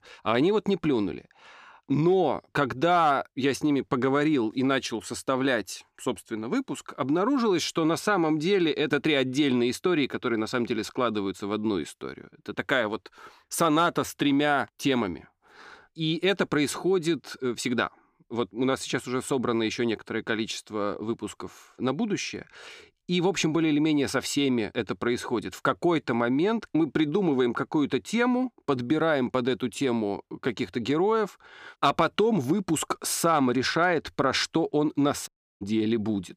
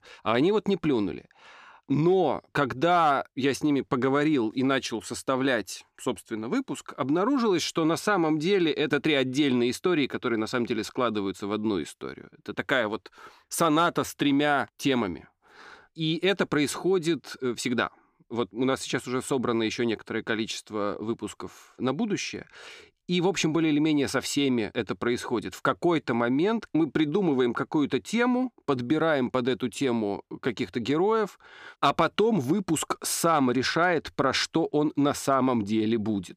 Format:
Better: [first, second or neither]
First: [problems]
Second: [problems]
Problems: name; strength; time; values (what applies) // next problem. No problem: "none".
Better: second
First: audio cutting out; at 35 s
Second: none